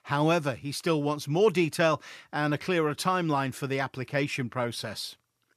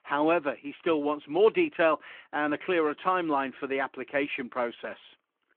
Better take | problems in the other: first | phone-call audio

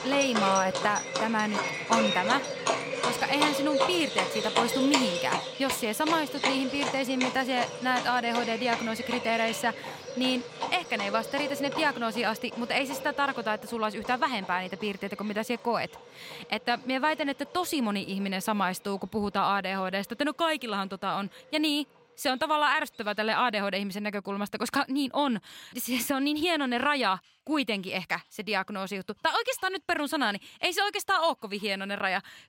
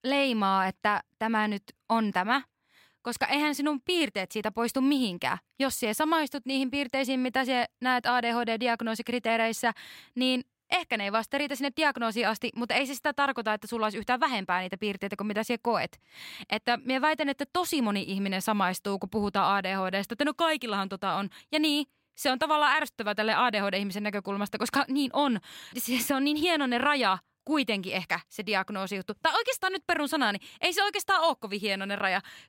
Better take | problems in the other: second | animal sounds; loud; throughout; 3 dB below the speech

